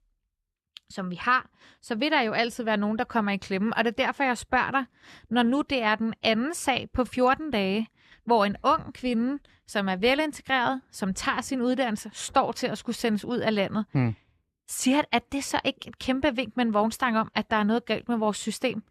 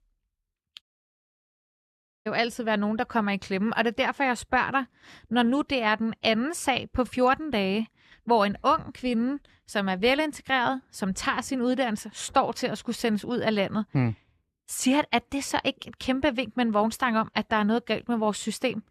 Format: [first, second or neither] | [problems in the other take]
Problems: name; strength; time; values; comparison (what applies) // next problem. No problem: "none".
first | audio cutting out; at 1 s for 1.5 s